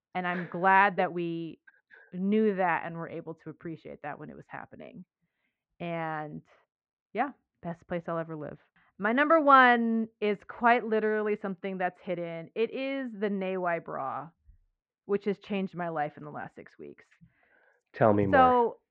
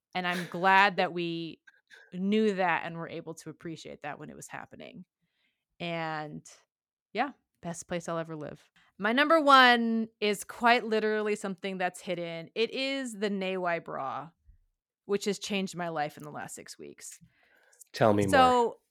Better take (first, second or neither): second